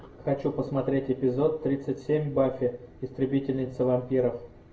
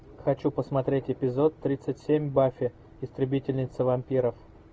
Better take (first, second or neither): second